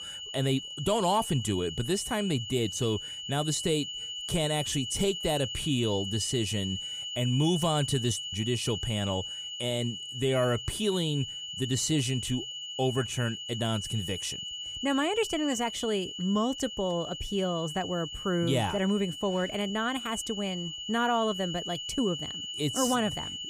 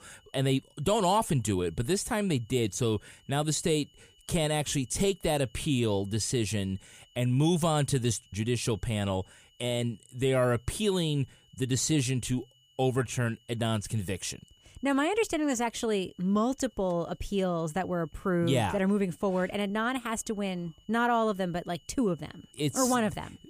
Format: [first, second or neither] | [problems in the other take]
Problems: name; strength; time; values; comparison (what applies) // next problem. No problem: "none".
second | high-pitched whine; loud; throughout; 3 kHz, 6 dB below the speech; faint in the second